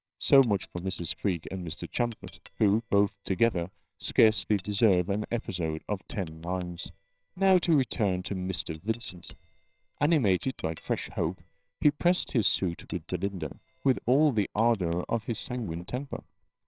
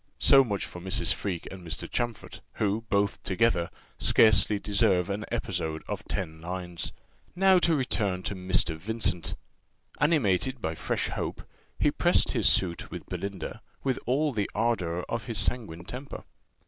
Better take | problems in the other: second | noise reduction (neural separator model SepFormer WHAMR!)

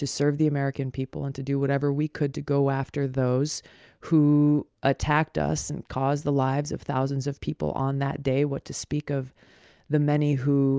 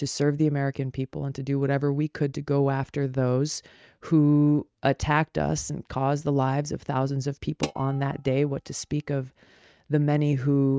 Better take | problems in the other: first | noise reduction (neural mask model RNNoise)

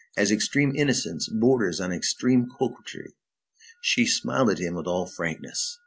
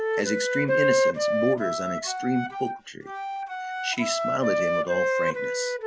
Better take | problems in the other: first | background sound (Wind instrument, woodwind instrument); 4 dB above the speech

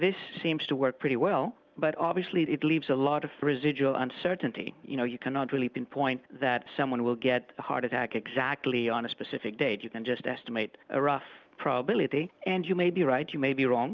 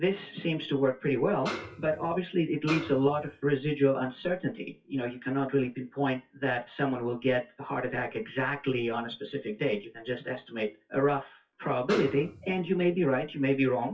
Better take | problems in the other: first | noise reduction (classical method WPE with log-MMSE)

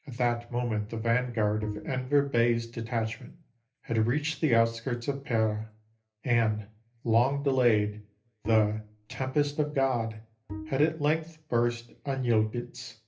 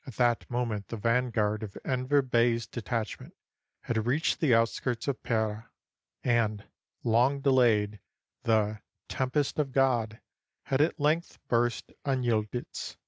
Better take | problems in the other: second | background sound (Bowed string instrument); 13 dB below the speech // room echo; dies away in 0.3 s

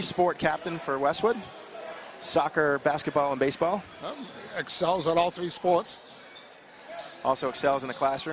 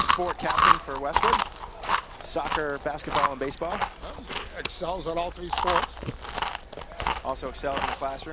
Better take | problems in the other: first | background sound (Chewing, mastication); 4 dB above the speech

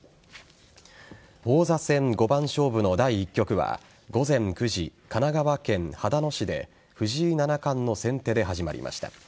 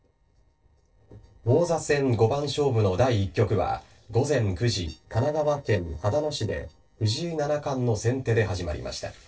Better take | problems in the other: first | noise reduction (neural separator model SepFormer DNS4)

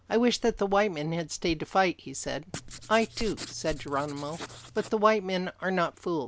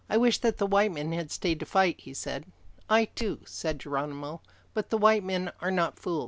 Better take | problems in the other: second | background sound (Writing); 16 dB below the speech

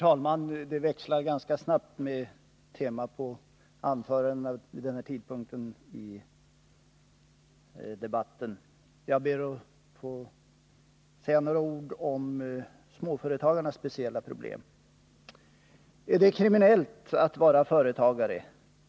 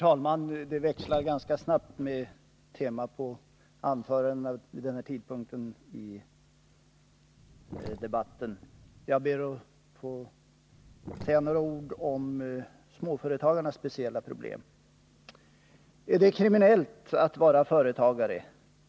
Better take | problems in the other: first | background sound (Sink (filling or washing)); 17 dB below the speech

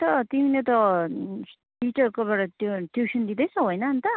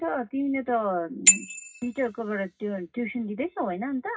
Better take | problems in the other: first | noise reduction (classical method WPE with log-MMSE)

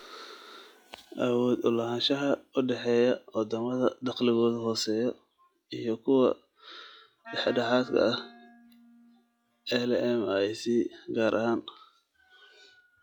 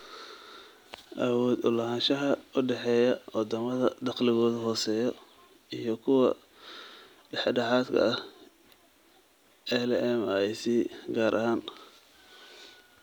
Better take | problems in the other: second | noise reduction (classical method log-MMSE)

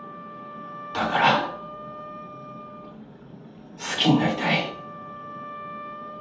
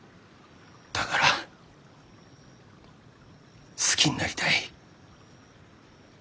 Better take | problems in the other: second | background sound (Wind instrument, woodwind instrument); 12 dB below the speech // room echo; dies away in 0.6 s

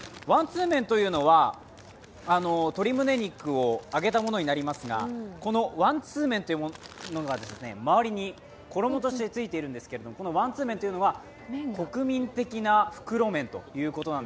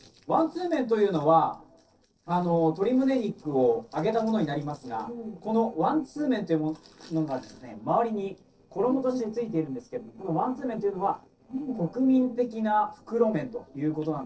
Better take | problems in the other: first | noise reduction (neural separator model SepFormer DNS4)

